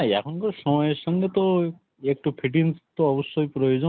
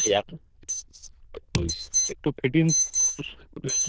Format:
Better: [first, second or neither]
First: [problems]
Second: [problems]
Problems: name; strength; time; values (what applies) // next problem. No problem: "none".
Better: first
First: none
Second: noise reduction (neural diffusion model UNIVERSE++)